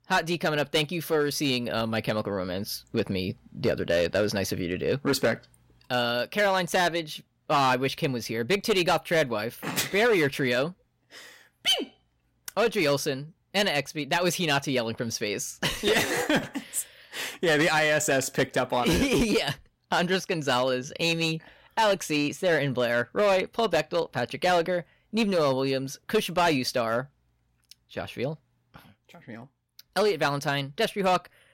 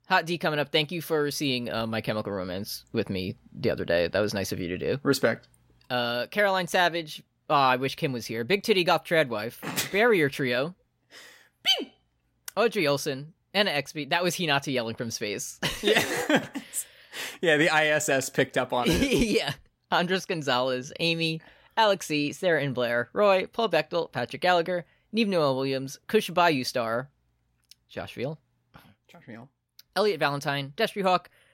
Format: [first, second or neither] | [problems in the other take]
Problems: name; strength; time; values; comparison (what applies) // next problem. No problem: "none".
second | distortion; slight; 6% of the sound clipped